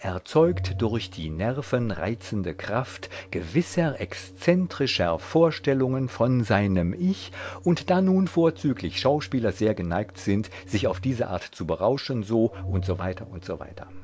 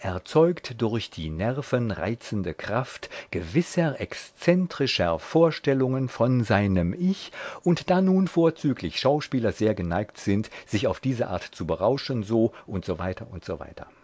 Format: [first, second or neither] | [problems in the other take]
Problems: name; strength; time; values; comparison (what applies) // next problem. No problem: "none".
second | background sound (Organ); 15 dB below the speech